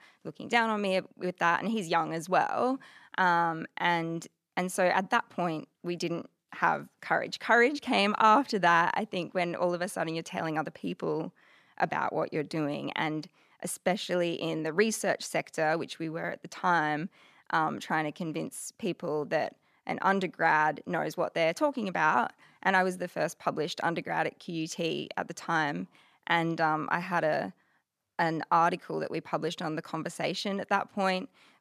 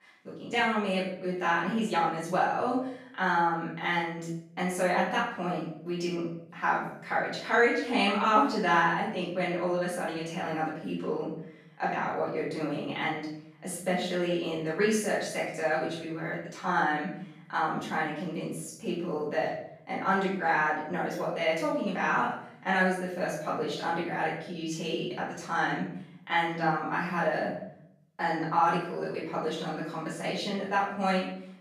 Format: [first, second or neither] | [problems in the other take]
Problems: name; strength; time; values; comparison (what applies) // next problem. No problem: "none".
first | off-mic speech; far // room echo; noticeable; dies away in 0.6 s